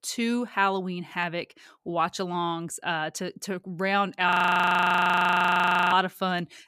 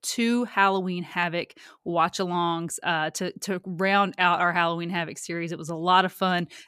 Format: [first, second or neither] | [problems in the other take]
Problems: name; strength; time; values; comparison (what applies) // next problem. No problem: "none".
second | audio freezing; at 4.5 s for 1.5 s